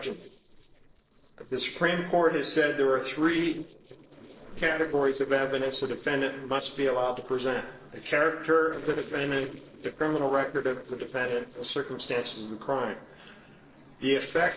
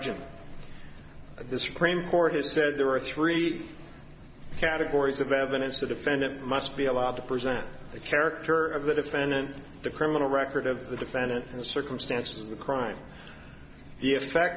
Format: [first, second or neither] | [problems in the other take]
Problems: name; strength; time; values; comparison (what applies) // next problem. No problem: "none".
second | noise reduction (neural separator model SepFormer DNS4)